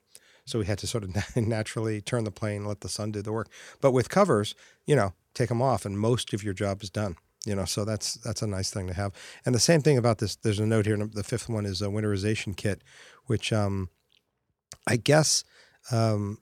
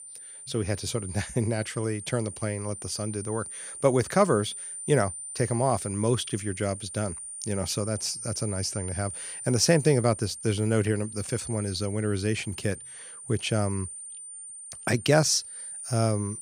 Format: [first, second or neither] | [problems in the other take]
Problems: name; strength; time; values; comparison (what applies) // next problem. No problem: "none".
first | high-pitched whine; loud; throughout; 9 kHz, 9 dB below the speech